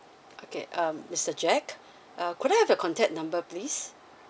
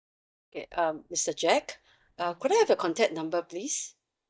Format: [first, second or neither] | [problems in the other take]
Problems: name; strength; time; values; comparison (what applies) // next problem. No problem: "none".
first | noise reduction (neural mask model DeepFilterNet 3)